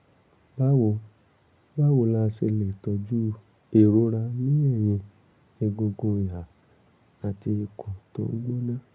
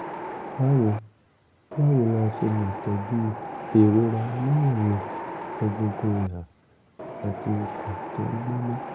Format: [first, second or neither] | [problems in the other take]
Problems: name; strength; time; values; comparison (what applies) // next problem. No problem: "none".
first | background sound (Wind); 10 dB below the speech